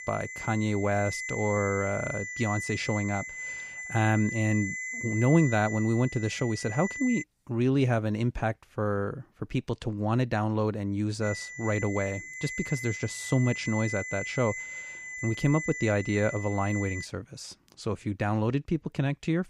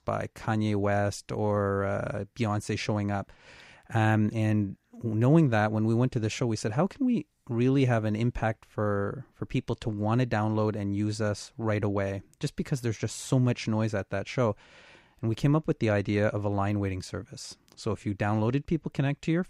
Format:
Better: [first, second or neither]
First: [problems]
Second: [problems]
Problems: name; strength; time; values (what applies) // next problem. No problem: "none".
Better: second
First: high-pitched whine; loud; until 7 s and from 11 to 17 s; 2 kHz, 7 dB below the speech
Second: none